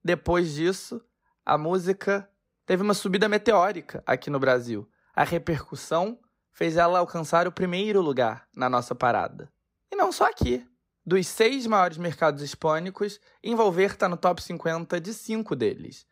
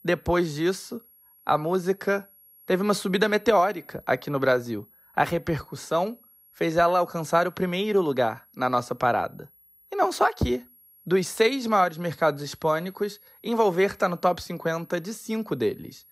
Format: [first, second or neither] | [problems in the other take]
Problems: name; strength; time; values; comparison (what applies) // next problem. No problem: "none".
first | high-pitched whine; faint; throughout; 11.5 kHz, 25 dB below the speech